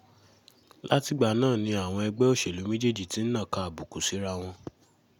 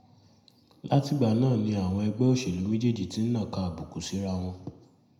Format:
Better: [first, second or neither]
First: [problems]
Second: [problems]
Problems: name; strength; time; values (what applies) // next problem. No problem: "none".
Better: first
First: none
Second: room echo; dies away in 0.7 s